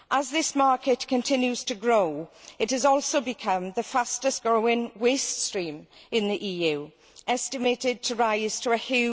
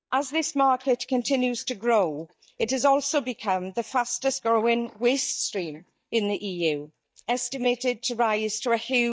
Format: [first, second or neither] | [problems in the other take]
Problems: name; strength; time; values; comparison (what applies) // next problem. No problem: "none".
first | noise reduction (neural mask model DeepFilterNet 3)